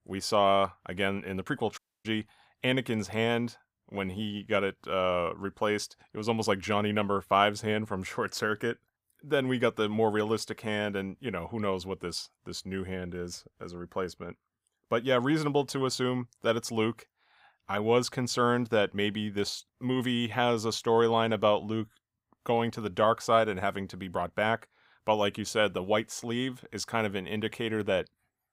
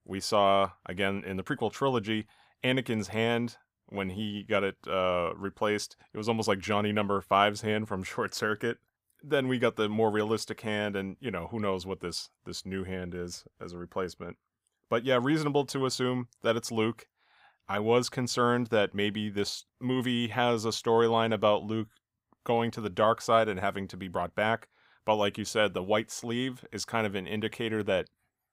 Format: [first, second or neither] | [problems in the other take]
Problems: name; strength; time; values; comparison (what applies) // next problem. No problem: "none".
second | audio cutting out; at 2 s